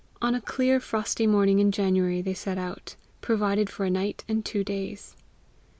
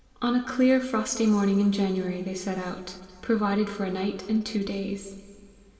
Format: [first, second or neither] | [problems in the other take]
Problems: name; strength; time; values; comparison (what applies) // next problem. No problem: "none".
first | room echo; dies away in 2 s